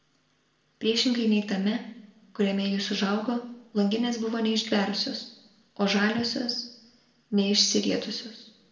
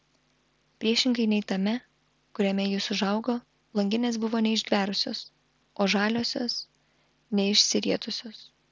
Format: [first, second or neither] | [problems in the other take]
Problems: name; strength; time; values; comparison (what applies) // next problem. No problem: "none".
second | room echo; dies away in 0.8 s